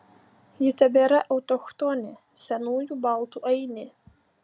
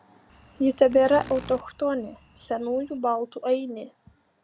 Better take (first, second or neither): first